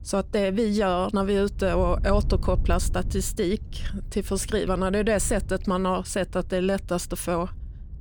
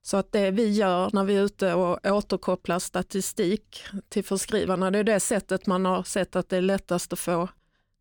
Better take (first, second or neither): second